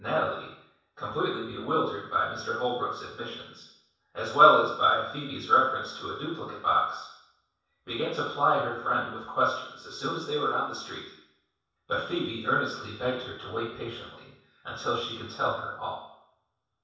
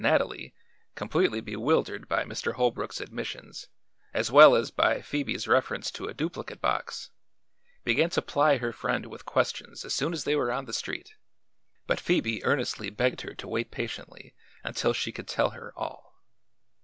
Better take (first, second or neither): second